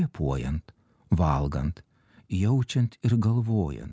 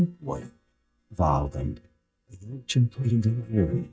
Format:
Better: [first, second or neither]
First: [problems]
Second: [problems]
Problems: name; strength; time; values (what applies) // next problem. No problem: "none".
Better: first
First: none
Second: noise reduction (neural mask model DeepFilterNet 3)